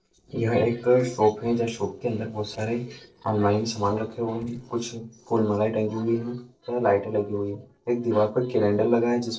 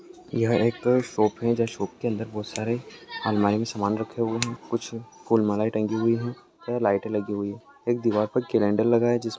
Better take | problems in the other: second | noise reduction (neural separator model SepFormer DNS4)

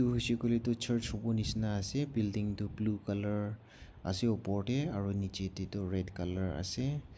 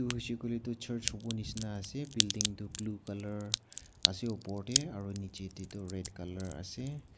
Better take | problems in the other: first | background sound (Crack); as loud as the speech

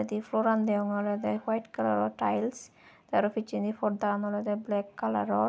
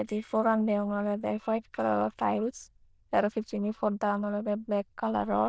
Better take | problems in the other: first | noise reduction (neural diffusion model UNIVERSE++)

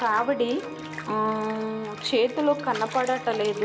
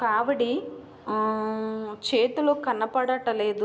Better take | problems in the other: second | background sound (Organ + Bathtub (filling or washing) / Water); 13 dB below the speech

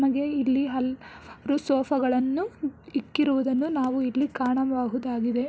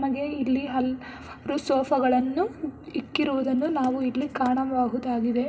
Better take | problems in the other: first | room echo; dies away in 2.5 s

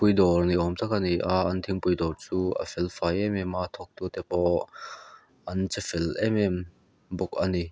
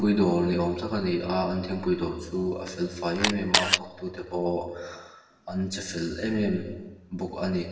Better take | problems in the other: first | background sound (Camera); 1 dB above the speech // room echo; dies away in 1.2 s

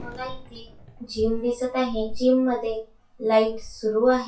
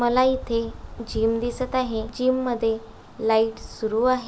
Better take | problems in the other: second | noise reduction (classical method WPE with log-MMSE)

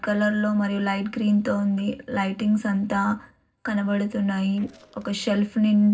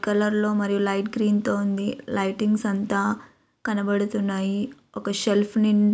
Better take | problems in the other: second | noise reduction (neural separator model SepFormer DNS4)

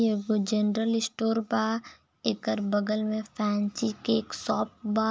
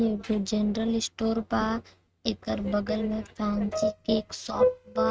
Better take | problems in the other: first | noise reduction (neural mask model RNNoise)

